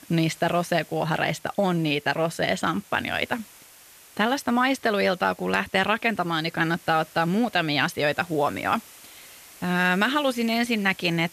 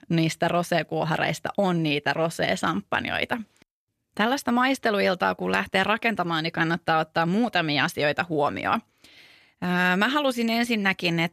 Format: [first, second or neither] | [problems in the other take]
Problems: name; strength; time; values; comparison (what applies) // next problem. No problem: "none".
second | hiss; faint; throughout; 25 dB below the speech